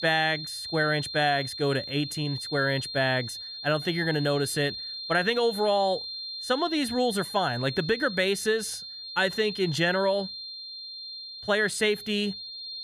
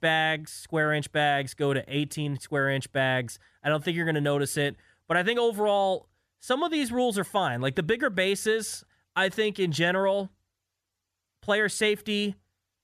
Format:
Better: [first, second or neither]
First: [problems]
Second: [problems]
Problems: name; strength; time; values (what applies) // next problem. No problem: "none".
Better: second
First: high-pitched whine; loud; throughout; 4 kHz, 8 dB below the speech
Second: none